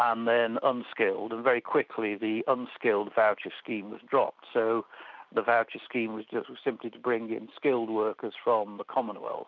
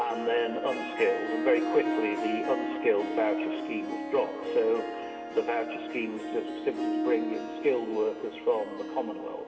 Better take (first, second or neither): first